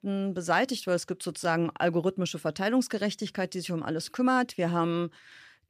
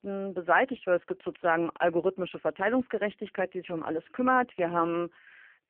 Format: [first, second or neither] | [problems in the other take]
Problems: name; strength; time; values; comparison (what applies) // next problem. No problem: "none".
first | phone-call audio; poor line